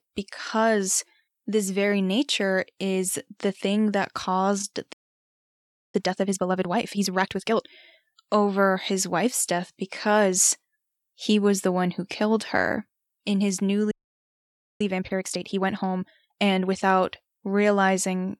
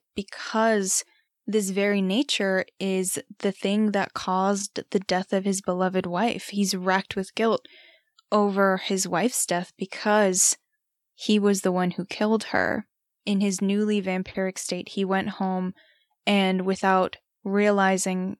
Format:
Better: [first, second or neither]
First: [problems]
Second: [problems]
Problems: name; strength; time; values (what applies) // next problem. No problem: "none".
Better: second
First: audio freezing; at 5 s for 1 s and at 14 s for 1 s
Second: none